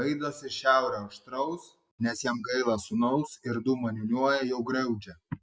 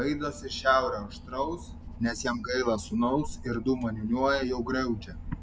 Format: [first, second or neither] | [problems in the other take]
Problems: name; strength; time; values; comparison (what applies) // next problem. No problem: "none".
first | background sound (Engine / Boat, Water vehicle); 13 dB below the speech